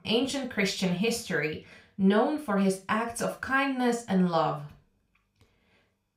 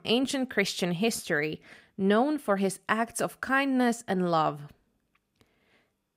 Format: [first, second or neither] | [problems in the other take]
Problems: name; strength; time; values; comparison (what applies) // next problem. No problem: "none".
second | room echo; very slight; dies away in 0.3 s // off-mic speech; somewhat distant